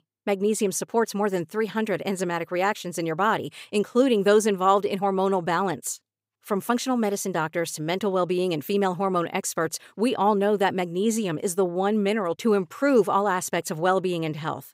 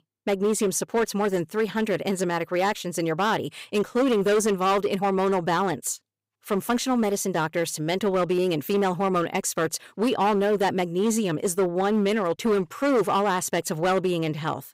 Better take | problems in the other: first | distortion; slight; 10% of the sound clipped

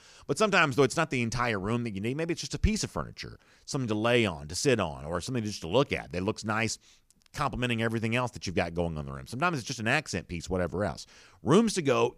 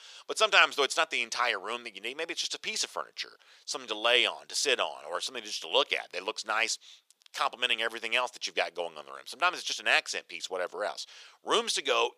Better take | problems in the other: first | thin; very; fading below 550 Hz

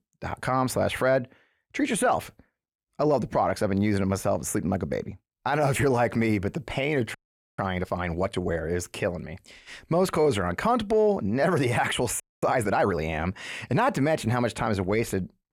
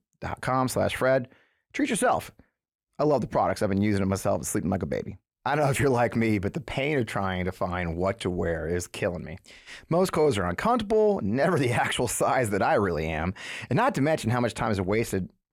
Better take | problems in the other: second | audio freezing; at 7 s and at 12 s

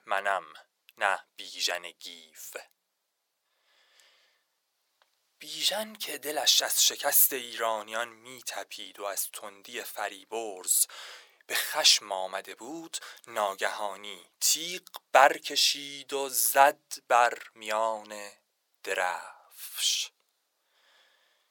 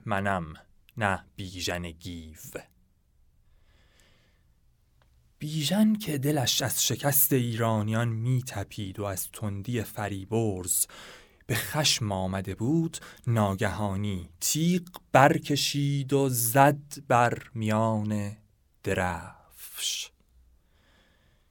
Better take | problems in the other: second | thin; very; fading below 550 Hz

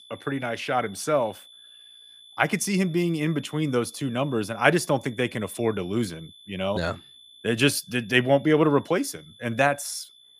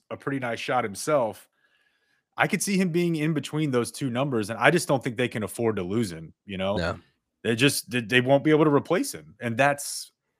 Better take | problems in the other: second | high-pitched whine; faint; throughout; 3.5 kHz, 25 dB below the speech

